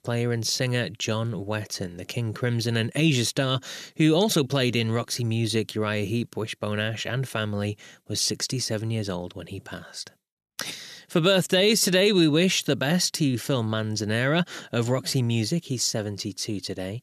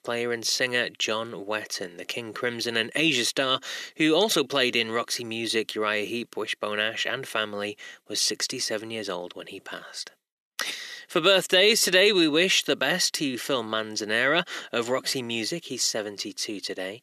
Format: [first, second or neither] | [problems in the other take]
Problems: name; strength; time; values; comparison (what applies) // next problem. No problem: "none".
first | thin; somewhat; fading below 350 Hz